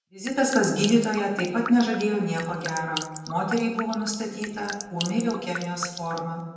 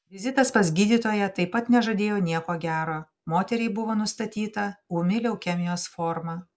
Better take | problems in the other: second | background sound (Drip); 12 dB below the speech // room echo; dies away in 1 s

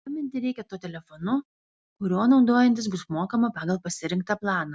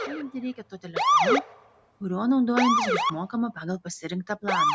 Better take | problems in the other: first | background sound (Motor vehicle (road) / Siren); 2 dB above the speech

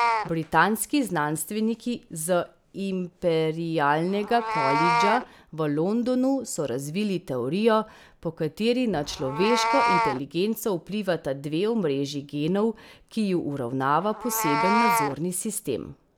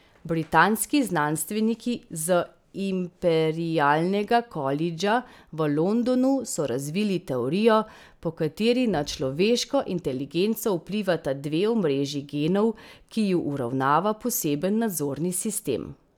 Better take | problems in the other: second | background sound (Meow); 5 dB below the speech

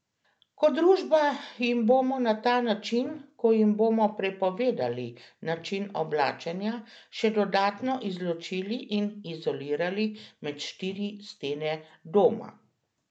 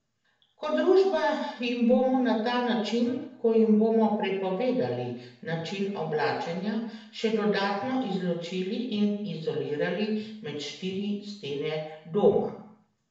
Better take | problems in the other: first | room echo; dies away in 0.7 s

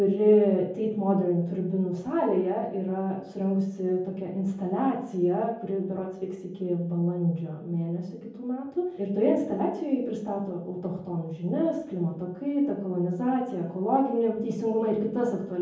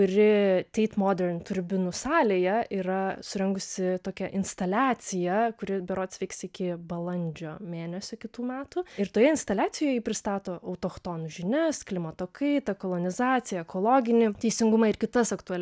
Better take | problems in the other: second | room echo; dies away in 0.7 s

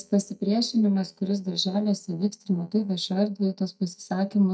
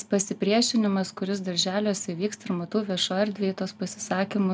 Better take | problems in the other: second | noise reduction (neural mask model DeepFilterNet 3)

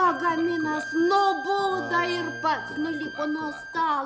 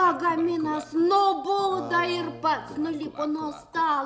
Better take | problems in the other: second | background sound (Bowed string instrument); 11 dB below the speech

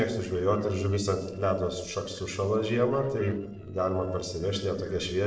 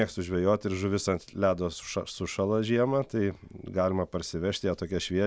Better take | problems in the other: second | noise reduction (neural separator model SepFormer DNS4)

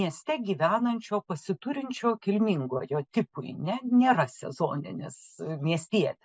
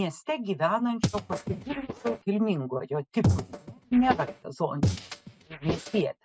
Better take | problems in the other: first | noise reduction (neural mask model RNNoise)

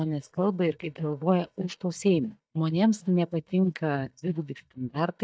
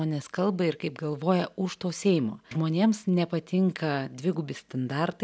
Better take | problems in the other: second | noise reduction (neural mask model DeepFilterNet 3)

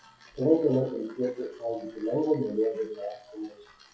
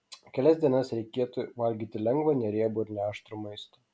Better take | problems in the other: second | noise reduction (classical method WPE with log-MMSE)

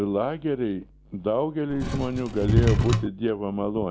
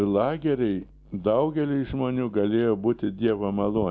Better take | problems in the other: second | background sound (Wood / Tools); 3 dB above the speech

